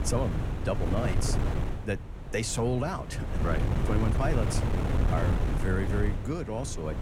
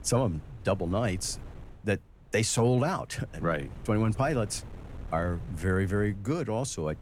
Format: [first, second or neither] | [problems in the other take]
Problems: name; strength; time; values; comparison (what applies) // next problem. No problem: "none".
second | wind noise on the microphone; heavy; 3 dB below the speech; occasional gusts in the second